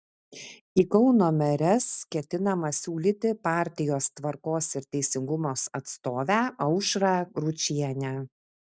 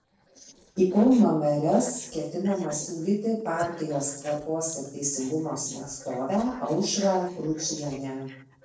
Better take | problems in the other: first | noise reduction (neural separator model SepFormer DNS4)

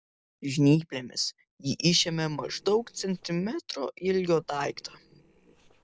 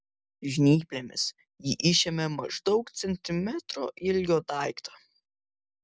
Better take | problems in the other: second | noise reduction (neural separator model SepFormer DNS4)

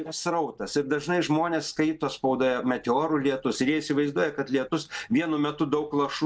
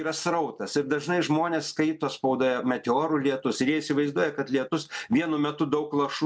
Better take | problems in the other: second | noise reduction (neural mask model DeepFilterNet 3)

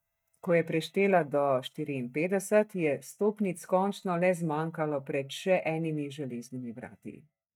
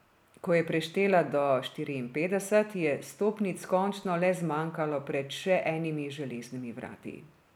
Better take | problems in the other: second | noise reduction (neural mask model DeepFilterNet 3)

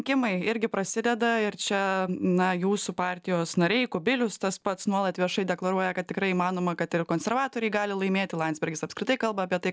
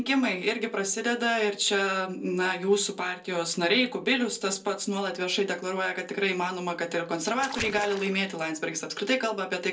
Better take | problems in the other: first | noise reduction (neural separator model SepFormer DNS4)

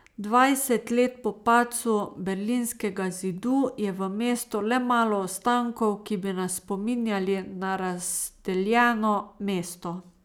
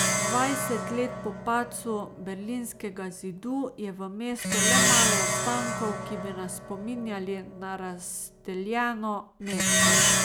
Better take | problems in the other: first | background sound (Plucked string instrument); 3 dB above the speech

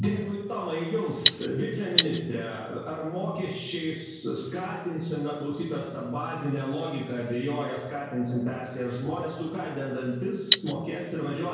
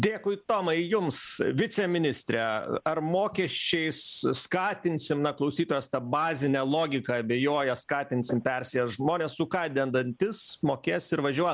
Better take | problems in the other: second | background sound (Cutlery, silverware); 4 dB above the speech // room echo; dies away in 1 s

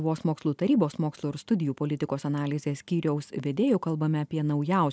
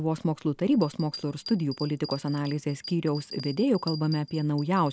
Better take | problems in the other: first | background sound (Bell); 17 dB below the speech

